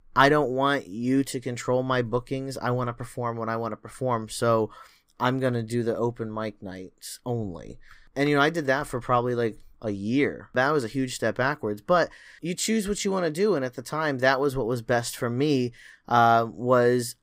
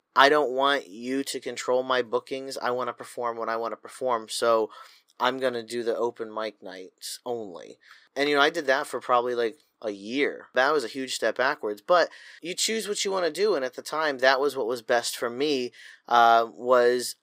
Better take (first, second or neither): first